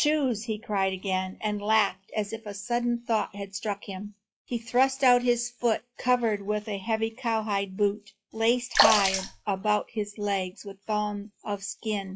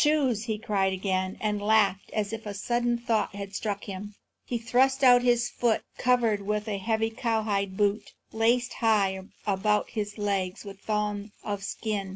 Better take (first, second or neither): second